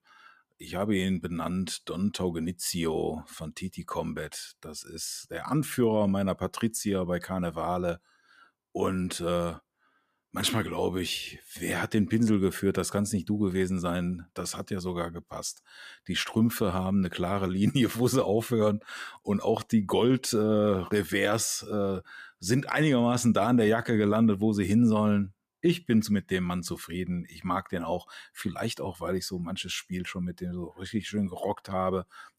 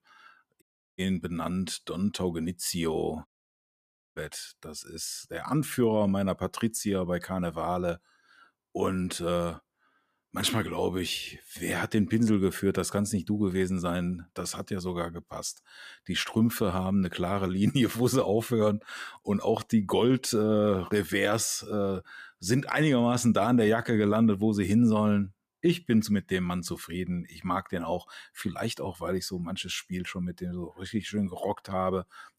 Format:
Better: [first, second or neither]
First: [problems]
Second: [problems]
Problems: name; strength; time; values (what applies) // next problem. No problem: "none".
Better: first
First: none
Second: audio cutting out; at 0.5 s and at 3.5 s for 1 s